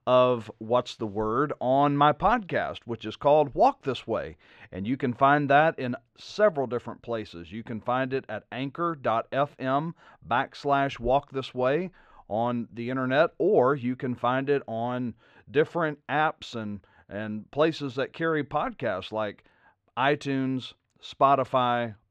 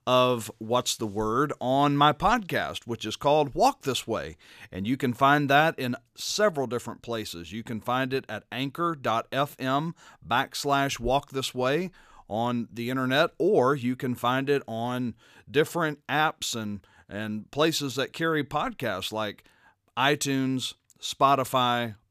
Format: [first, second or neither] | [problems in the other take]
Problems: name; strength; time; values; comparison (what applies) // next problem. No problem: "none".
second | muffled; slightly; fading above 2.5 kHz